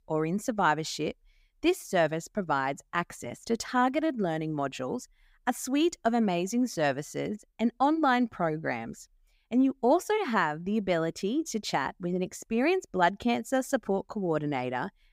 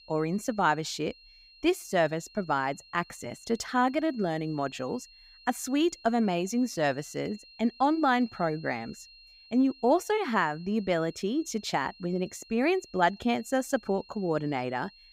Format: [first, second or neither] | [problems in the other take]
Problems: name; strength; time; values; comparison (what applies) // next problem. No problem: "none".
first | high-pitched whine; faint; throughout; 4 kHz, 25 dB below the speech